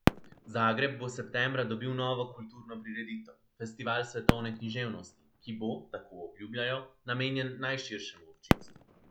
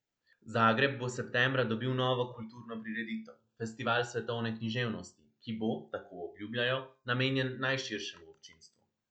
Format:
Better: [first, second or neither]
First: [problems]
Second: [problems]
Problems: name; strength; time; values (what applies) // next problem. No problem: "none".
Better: second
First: background sound (Fireworks); 2 dB below the speech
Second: none